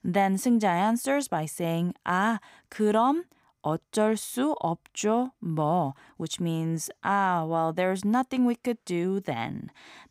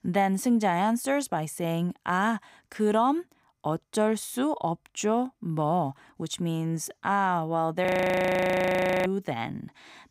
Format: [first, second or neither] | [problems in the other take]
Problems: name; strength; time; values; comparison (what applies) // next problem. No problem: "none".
first | audio freezing; at 8 s for 1 s